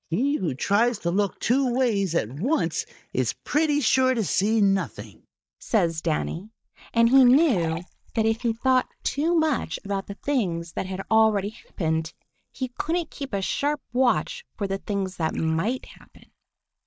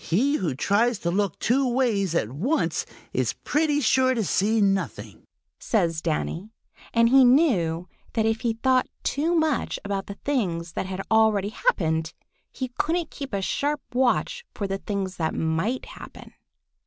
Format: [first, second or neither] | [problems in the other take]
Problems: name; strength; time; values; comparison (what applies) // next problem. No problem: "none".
second | noise reduction (neural mask model DeepFilterNet 3)